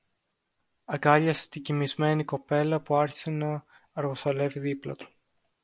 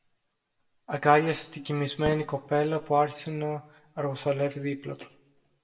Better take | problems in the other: first | background sound (Fireworks); 16 dB below the speech // room echo; dies away in 0.5 s

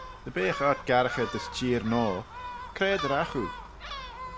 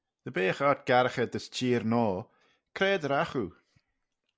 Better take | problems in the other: second | background sound (Gull, seagull); 9 dB below the speech

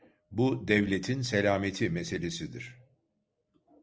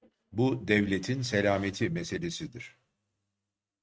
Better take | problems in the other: first | noise reduction (neural mask model RNNoise)

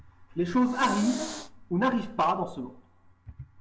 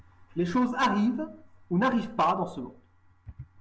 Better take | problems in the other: second | background sound (Hiss); 11 dB below the speech // room echo; dies away in 0.5 s

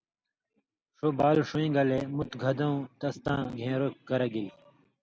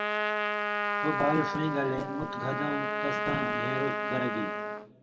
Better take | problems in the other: first | background sound (Trumpet); 2 dB above the speech // room echo; dies away in 1.4 s

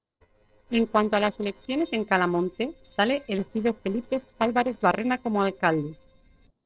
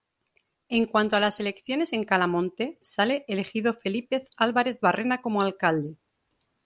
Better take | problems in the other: second | noise reduction (neural separator model SepFormer DNS4)

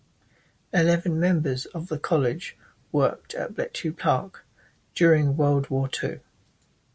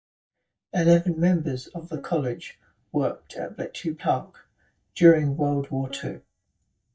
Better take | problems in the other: first | noise reduction (neural mask model DeepFilterNet 3)

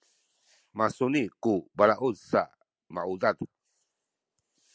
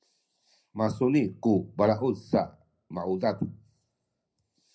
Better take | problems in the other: first | room echo; dies away in 0.4 s

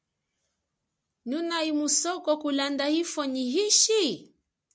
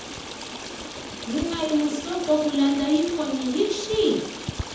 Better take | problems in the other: first | background sound (Stream); 10 dB below the speech // room echo; dies away in 1.1 s

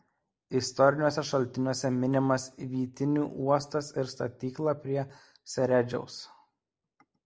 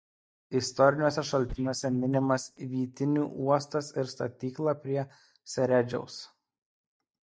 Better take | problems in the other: first | noise reduction (neural mask model DeepFilterNet 3)

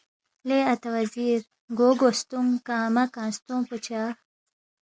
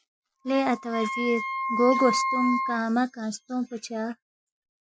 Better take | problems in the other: first | noise reduction (classical method Wiener filter)

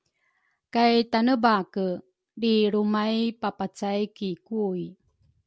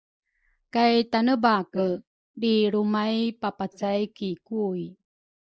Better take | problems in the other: first | noise reduction (neural mask model Resemble Enhance denoiser)

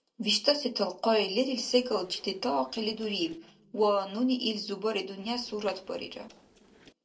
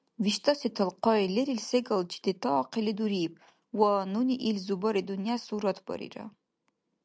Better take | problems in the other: second | noise reduction (neural separator model SepFormer DNS4)

